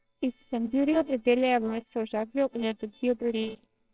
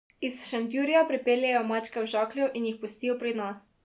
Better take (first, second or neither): second